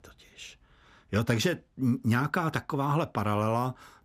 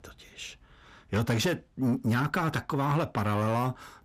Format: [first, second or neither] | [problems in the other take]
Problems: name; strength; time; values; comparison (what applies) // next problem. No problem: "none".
first | distortion; slight; 10 dB below the speech